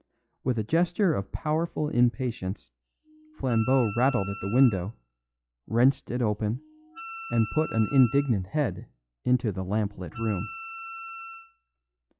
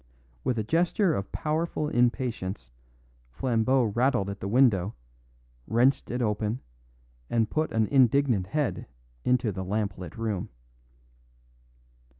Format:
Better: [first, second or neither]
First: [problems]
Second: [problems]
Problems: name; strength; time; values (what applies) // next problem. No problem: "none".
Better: second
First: noise reduction (classical method log-MMSE)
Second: none